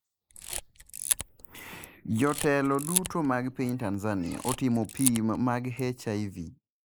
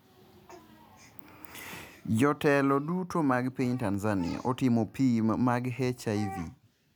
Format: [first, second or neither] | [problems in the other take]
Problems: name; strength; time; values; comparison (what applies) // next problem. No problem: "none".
second | noise reduction (neural mask model Resemble Enhance denoiser)